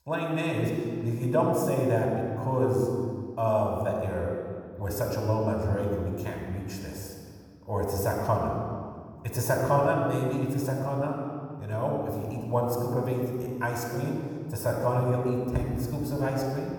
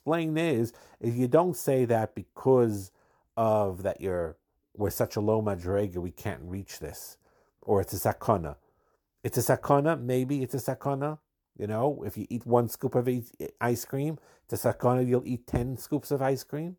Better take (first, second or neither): second